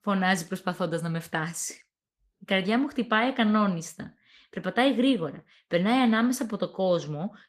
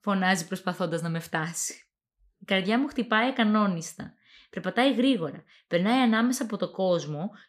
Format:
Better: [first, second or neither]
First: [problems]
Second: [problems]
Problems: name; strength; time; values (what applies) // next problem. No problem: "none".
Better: second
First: garbled, watery; slightly; nothing above 14.5 kHz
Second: none